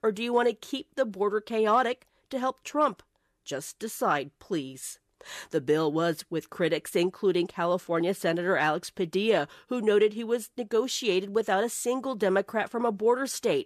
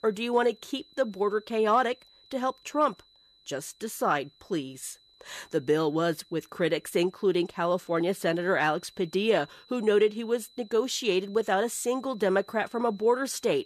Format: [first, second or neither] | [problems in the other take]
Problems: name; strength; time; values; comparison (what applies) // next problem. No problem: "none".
first | high-pitched whine; faint; throughout; 4 kHz, 30 dB below the speech